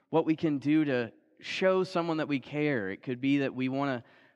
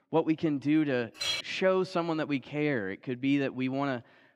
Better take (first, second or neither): first